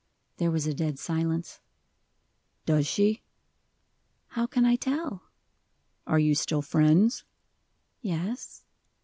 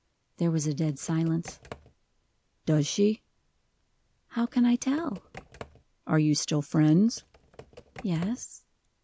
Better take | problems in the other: first | background sound (Computer keyboard); 20 dB below the speech

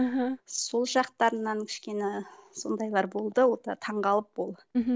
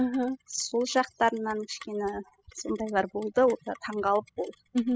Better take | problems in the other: first | noise reduction (classical method spectral subtraction)

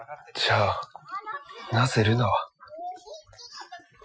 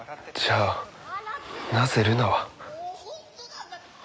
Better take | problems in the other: second | noise reduction (classical method Wiener filter)

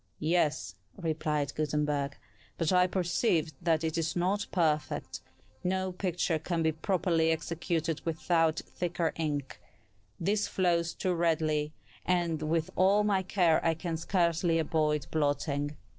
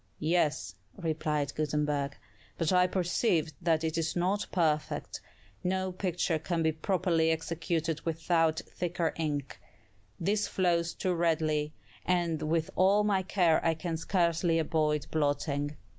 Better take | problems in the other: second | noise reduction (neural separator model SepFormer DNS4)

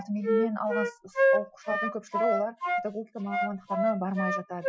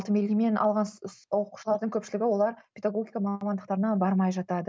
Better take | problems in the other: second | noise reduction (classical method Wiener filter)

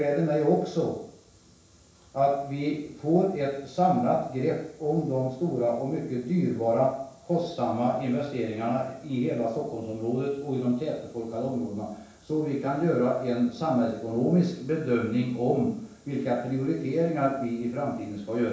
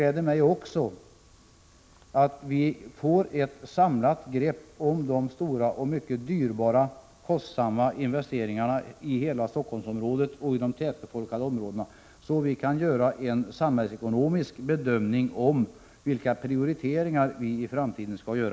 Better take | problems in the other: second | room echo; dies away in 0.7 s

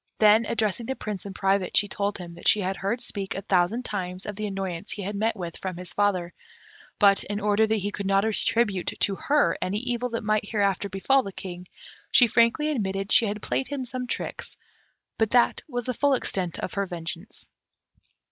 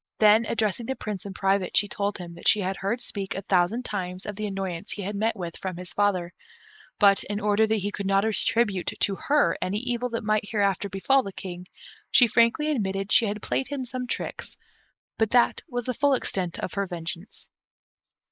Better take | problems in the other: first | noise reduction (neural mask model Resemble Enhance denoiser)

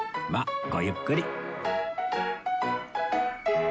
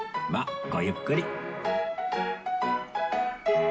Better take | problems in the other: first | room echo; dies away in 1.2 s

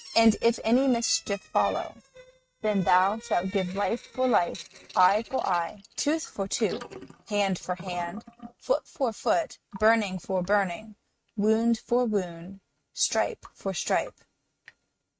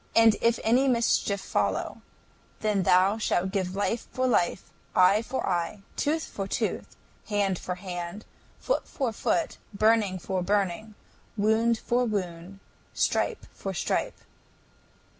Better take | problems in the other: second | noise reduction (neural mask model RNNoise)

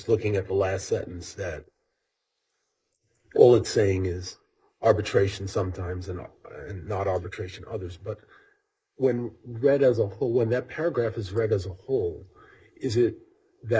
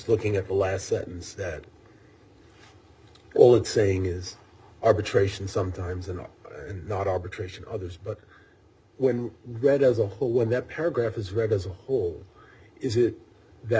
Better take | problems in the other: second | noise reduction (neural mask model Resemble Enhance denoiser)

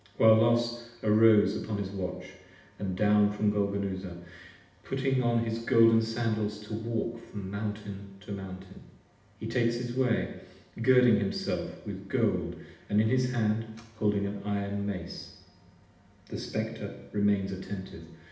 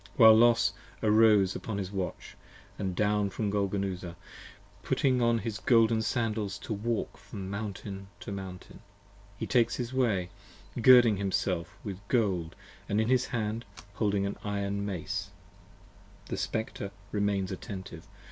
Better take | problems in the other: second | room echo; dies away in 0.8 s

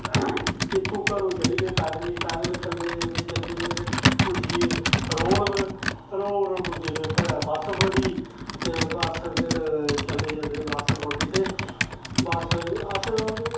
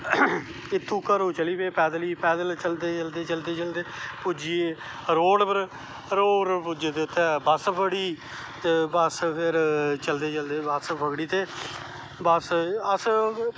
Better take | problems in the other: second | background sound (Computer keyboard); 1 dB above the speech // room echo; dies away in 2.4 s

